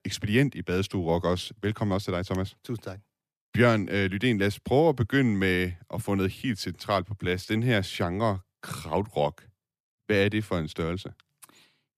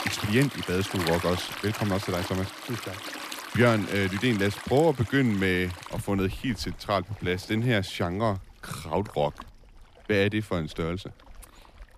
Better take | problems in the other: first | rain or running water; loud; throughout; 10 dB below the speech

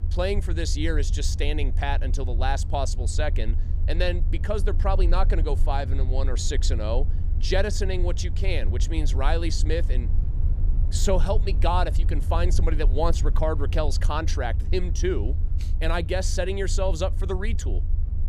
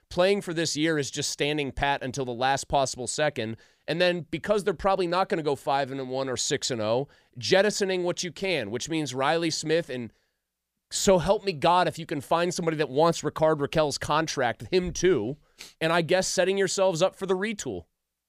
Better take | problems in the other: second | low rumble; noticeable; throughout; 15 dB below the speech

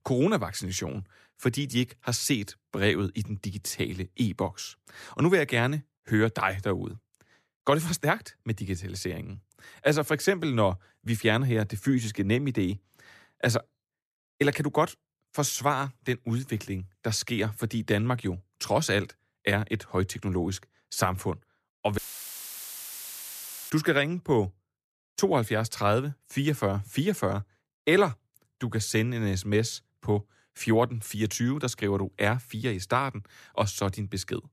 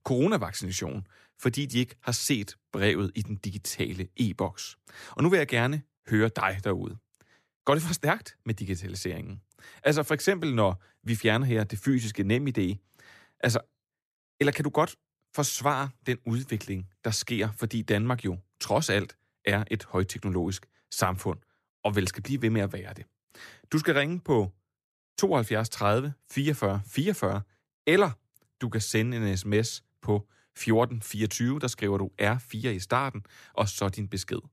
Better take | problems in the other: second | audio cutting out; filled with static; at 22 s for 1.5 s

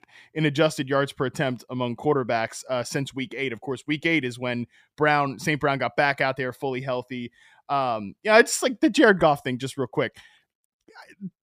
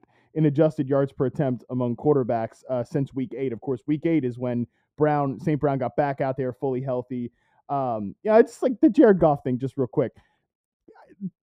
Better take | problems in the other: first | muffled; very; fading above 1 kHz

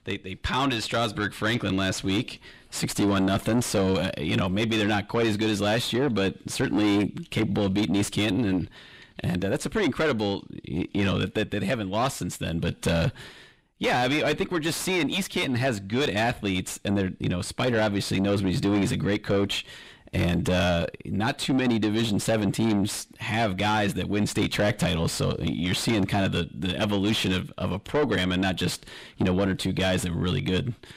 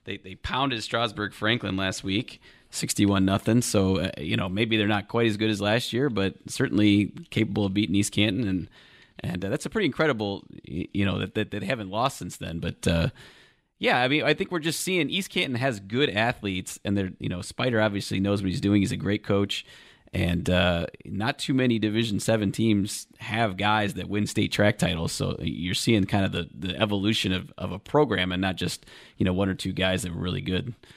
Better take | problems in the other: second | distortion; heavy; 6 dB below the speech

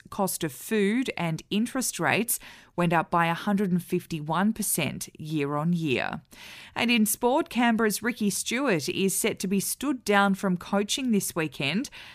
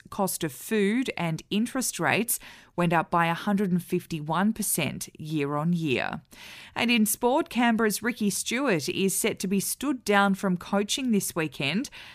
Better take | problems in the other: neither | none

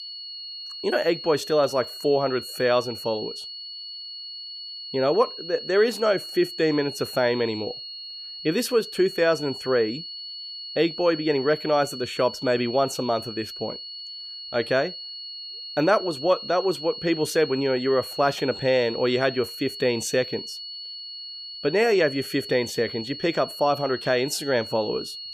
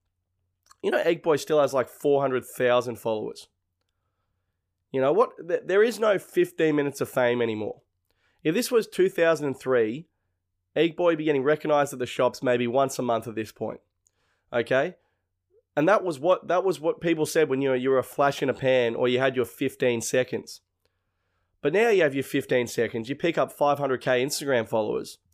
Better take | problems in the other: second | high-pitched whine; loud; throughout; 4.5 kHz, 10 dB below the speech

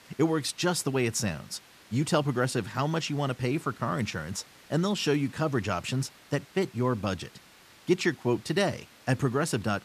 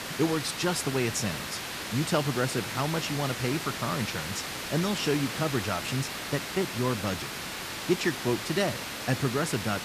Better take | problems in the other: first | hiss; loud; throughout; 4 dB below the speech; faint in the first

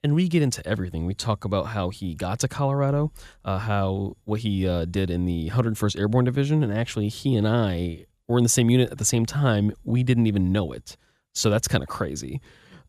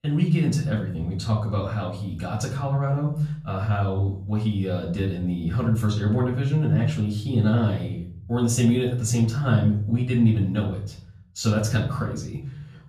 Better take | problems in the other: first | off-mic speech; far // room echo; slight; dies away in 0.8 s

